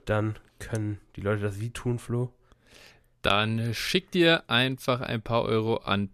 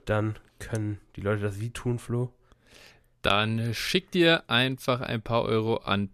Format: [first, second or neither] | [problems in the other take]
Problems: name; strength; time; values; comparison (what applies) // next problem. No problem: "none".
neither | none